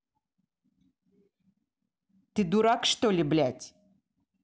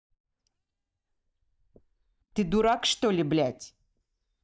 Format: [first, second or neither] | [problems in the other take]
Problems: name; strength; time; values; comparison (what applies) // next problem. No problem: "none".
first | noise reduction (neural mask model DeepFilterNet 3)